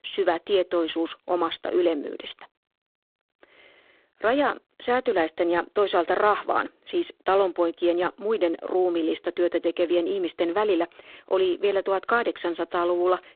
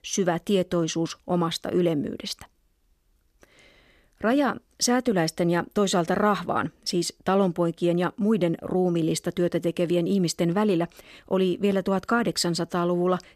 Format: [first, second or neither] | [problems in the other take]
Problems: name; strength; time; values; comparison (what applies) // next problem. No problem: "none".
second | phone-call audio; poor line; nothing above 3.5 kHz